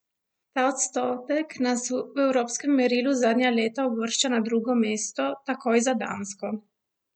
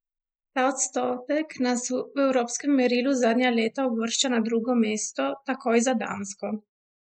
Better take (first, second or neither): first